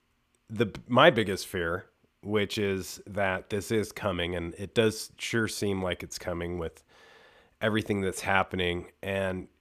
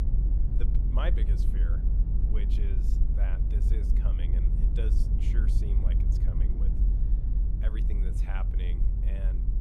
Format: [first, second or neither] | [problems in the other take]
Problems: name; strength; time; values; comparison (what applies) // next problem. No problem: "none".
first | low rumble; loud; throughout; 1 dB below the speech